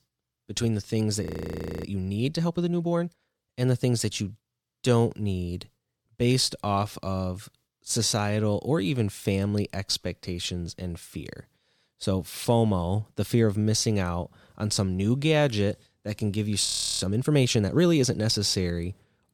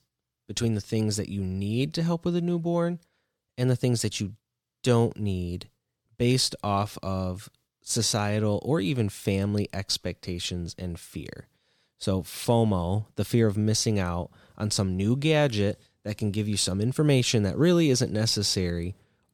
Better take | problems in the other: second | audio freezing; at 1.5 s for 0.5 s and at 17 s

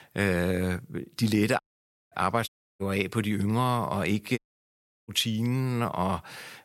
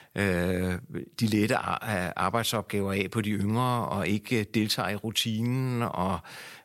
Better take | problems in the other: second | audio cutting out; at 1.5 s for 0.5 s, at 2.5 s and at 4.5 s for 0.5 s

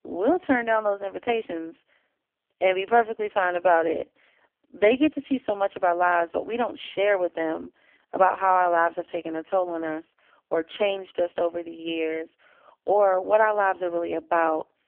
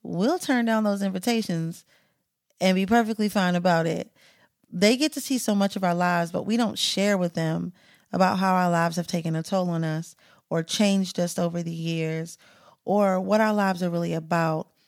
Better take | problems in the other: second | phone-call audio; poor line; nothing above 3 kHz

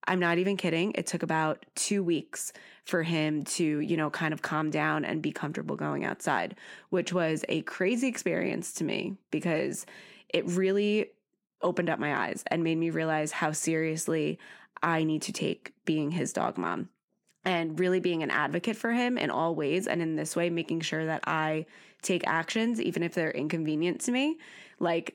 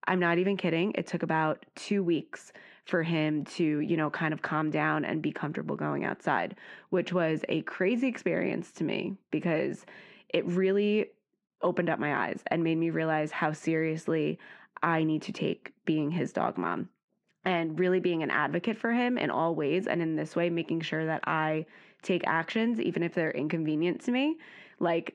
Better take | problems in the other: first | muffled; slightly; fading above 3 kHz

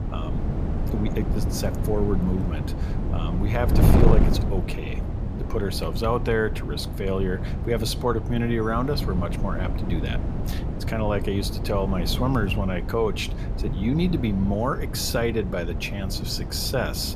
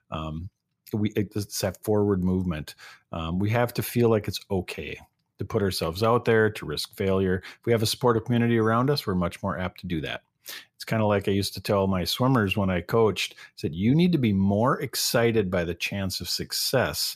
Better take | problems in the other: second | wind noise on the microphone; heavy; 7 dB below the speech

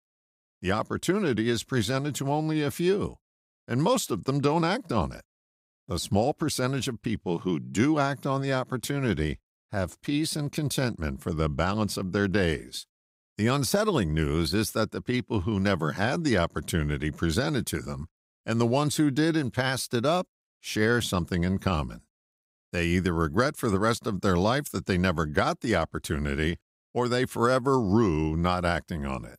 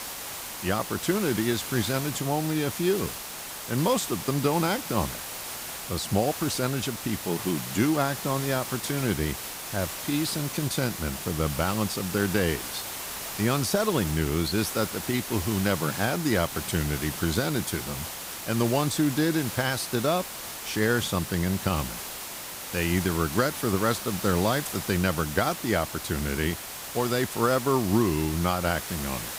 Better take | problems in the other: first | hiss; loud; throughout; 7 dB below the speech

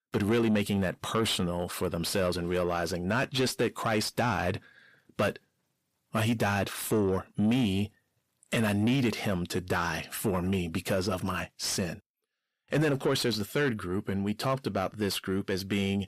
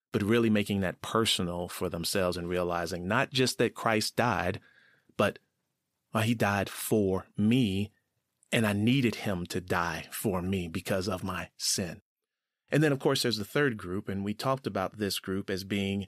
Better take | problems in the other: second | distortion; slight; 10 dB below the speech

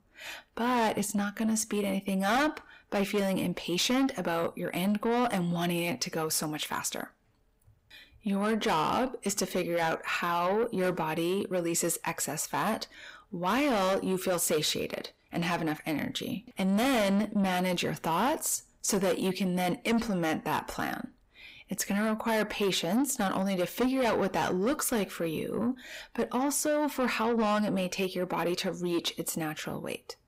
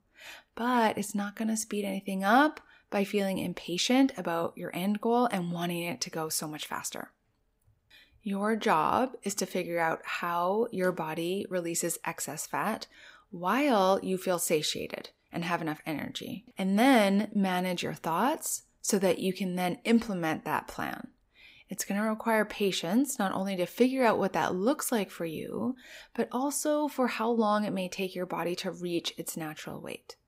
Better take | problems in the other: second | distortion; heavy; 7 dB below the speech

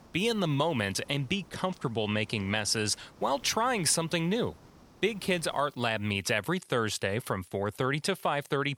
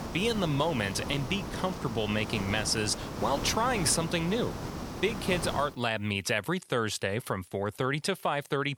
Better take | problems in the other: first | hiss; loud; until 5.5 s; 8 dB below the speech; faint in the first

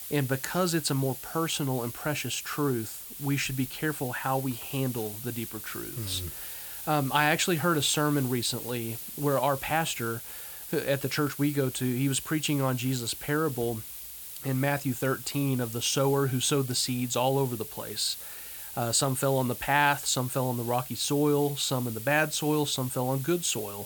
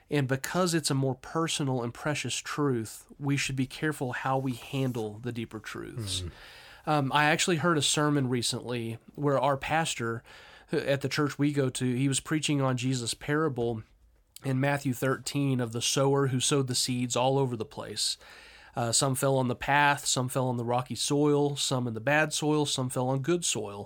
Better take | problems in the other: second | hiss; loud; throughout; 9 dB below the speech

